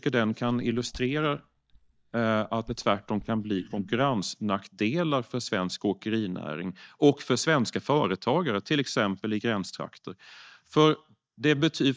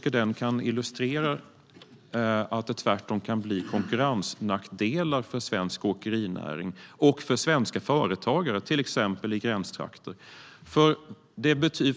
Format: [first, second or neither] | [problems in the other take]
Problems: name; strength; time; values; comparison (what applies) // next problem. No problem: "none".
second | noise reduction (neural mask model DeepFilterNet 3)